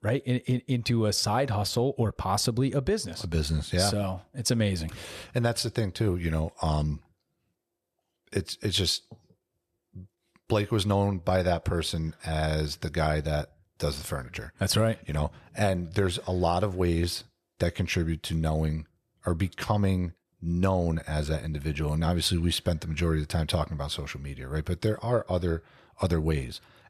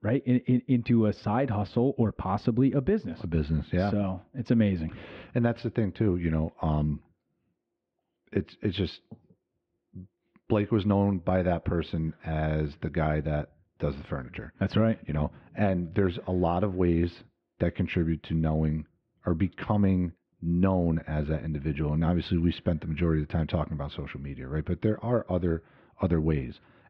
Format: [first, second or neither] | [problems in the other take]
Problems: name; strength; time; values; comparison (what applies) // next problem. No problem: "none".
first | muffled; very; fading above 3 kHz